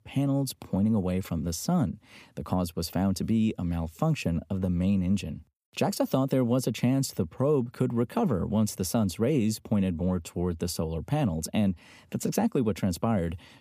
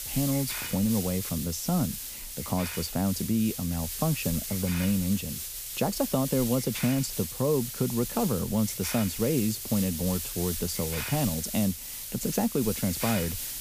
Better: first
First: none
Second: hiss; loud; throughout; 4 dB below the speech

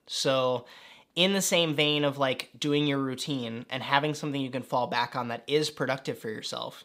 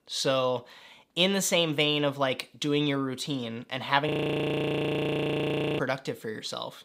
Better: first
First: none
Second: audio freezing; at 4 s for 1.5 s

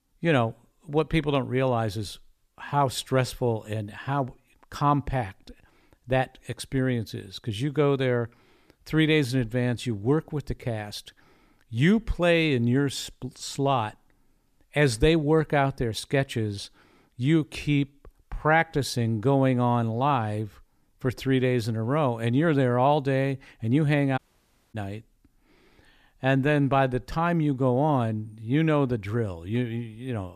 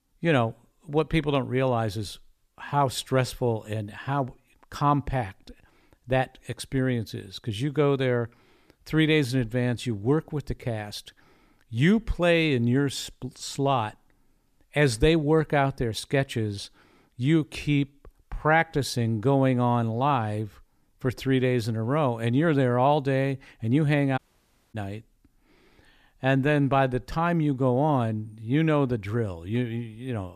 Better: neither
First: audio cutting out; at 24 s for 0.5 s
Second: audio cutting out; at 24 s for 0.5 s

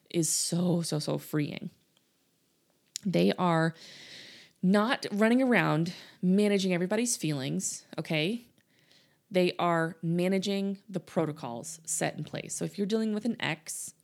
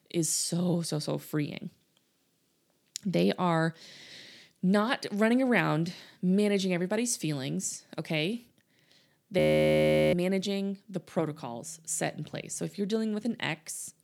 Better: first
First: none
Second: audio freezing; at 9.5 s for 0.5 s

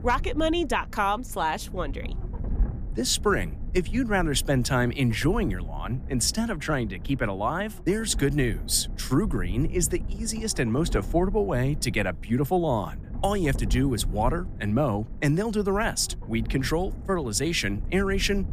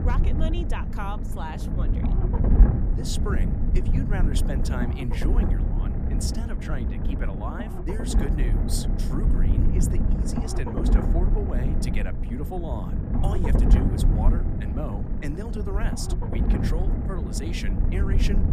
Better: first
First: low rumble; faint; throughout; 20 dB below the speech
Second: low rumble; loud; throughout; as loud as the speech

